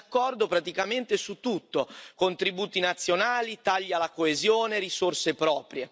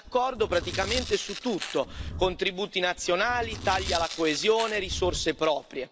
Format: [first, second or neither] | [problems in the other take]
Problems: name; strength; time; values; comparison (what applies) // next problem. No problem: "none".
first | background sound (Tearing + Livestock, farm animals, working animals); 10 dB below the speech